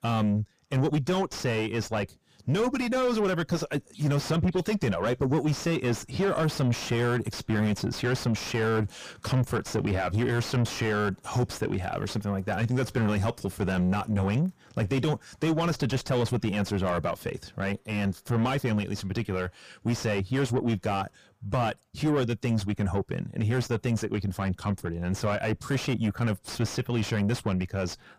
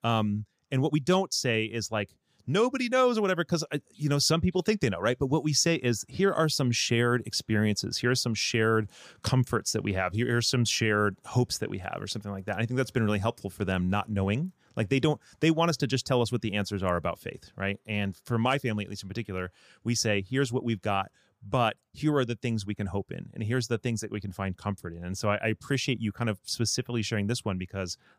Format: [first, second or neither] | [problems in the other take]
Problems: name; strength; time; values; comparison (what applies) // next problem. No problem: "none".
second | distortion; heavy; 5 dB below the speech